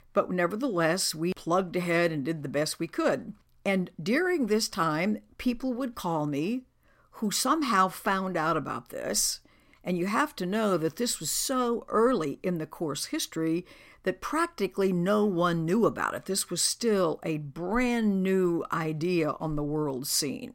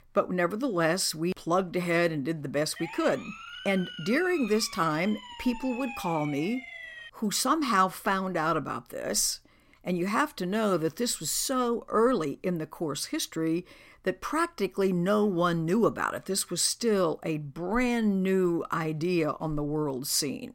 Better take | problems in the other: first | siren; faint; from 3 to 7 s; peak 10 dB below the speech

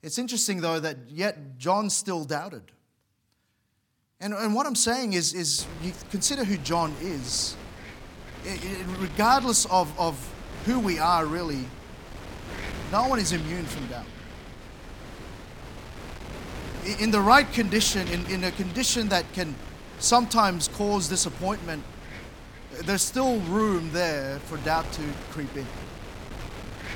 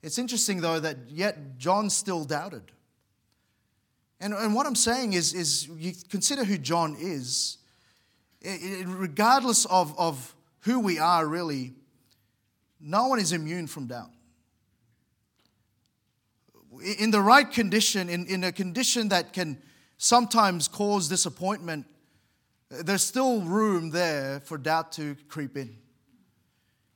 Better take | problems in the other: second | wind noise on the microphone; occasional gusts; from 5.5 s on; 15 dB below the speech

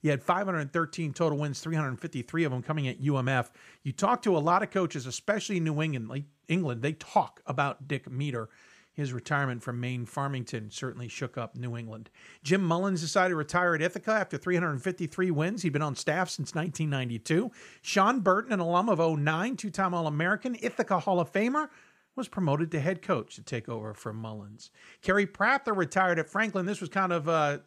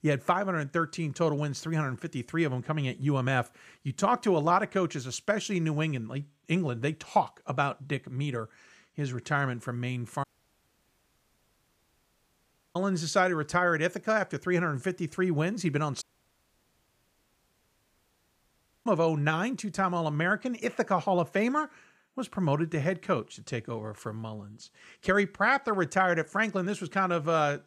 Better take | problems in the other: first | audio cutting out; at 10 s for 2.5 s and at 16 s for 3 s

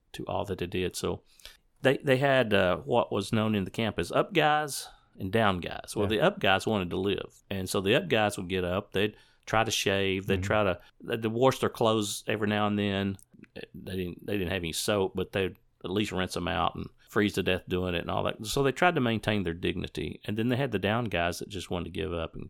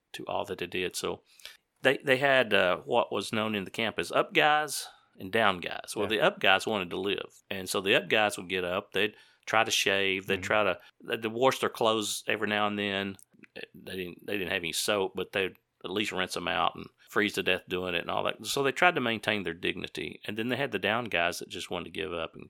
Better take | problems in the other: first | thin; very slightly; fading below 400 Hz

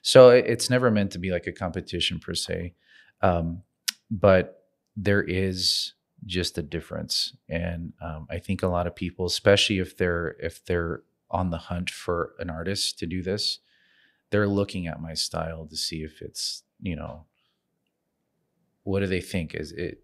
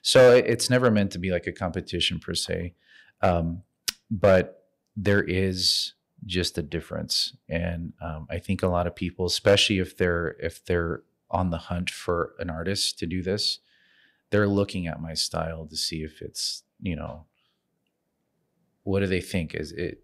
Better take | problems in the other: first | distortion; slight; 0.7% of the sound clipped

